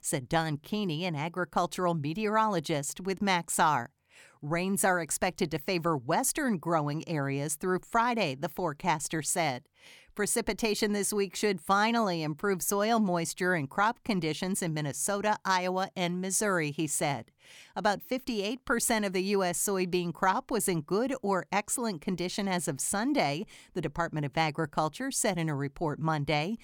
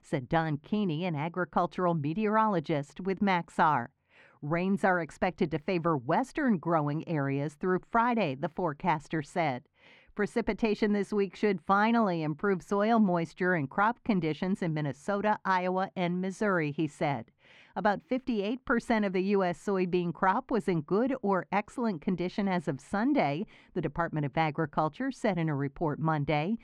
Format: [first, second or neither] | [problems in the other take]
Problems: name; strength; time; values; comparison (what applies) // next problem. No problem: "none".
first | muffled; very; fading above 2.5 kHz